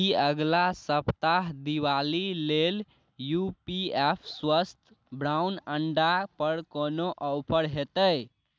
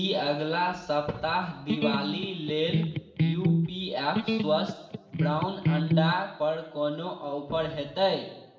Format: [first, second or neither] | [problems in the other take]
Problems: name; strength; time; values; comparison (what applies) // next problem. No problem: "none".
first | background sound (Electric guitar); 2 dB above the speech // room echo; dies away in 0.8 s